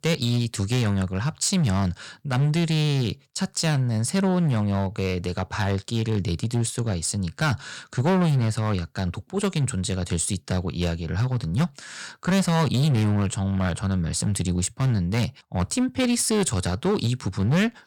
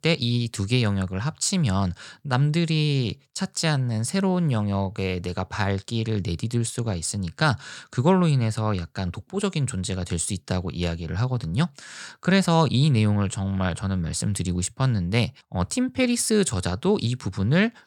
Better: second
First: distortion; slight; 9% of the sound clipped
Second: none

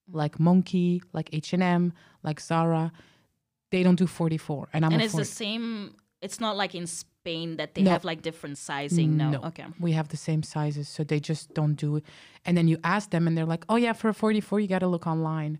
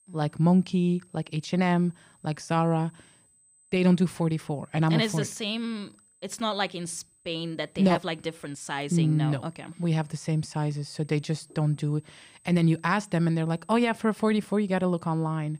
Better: first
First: none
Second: high-pitched whine; faint; throughout; 8 kHz, 30 dB below the speech

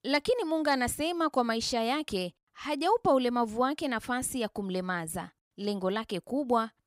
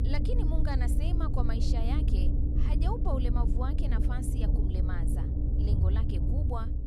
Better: first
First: none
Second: low rumble; loud; throughout; 2 dB below the speech

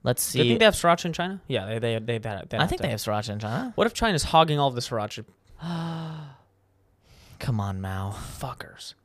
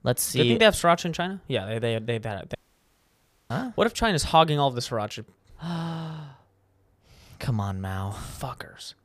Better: first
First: none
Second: audio cutting out; at 2.5 s for 1 s

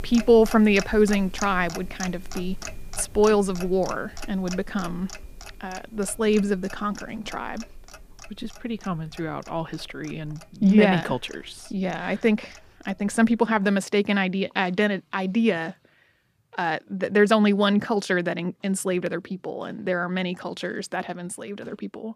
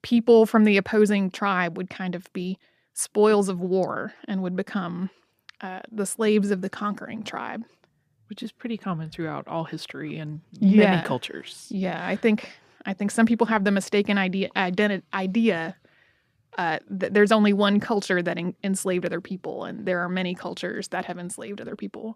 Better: second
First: household noises; noticeable; throughout; 15 dB below the speech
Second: none

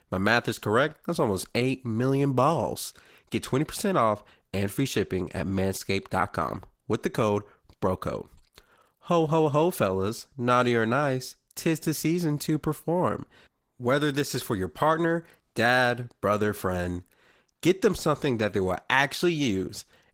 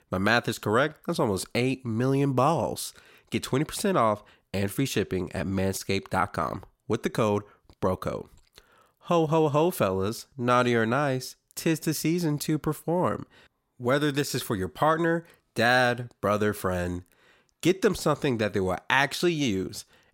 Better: second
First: garbled, watery; slightly; nothing above 16 kHz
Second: none

